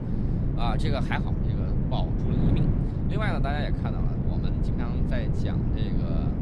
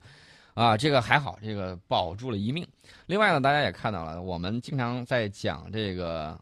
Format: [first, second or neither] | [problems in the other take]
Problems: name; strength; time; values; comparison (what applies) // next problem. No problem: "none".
second | wind noise on the microphone; heavy; 1 dB below the speech